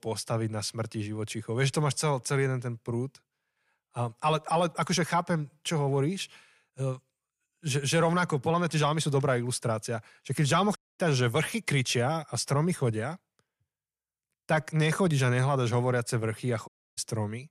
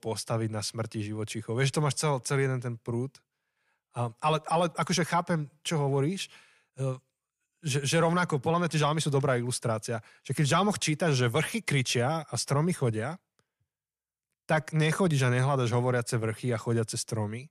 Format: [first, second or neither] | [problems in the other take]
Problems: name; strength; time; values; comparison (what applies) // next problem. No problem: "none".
second | audio cutting out; at 11 s and at 17 s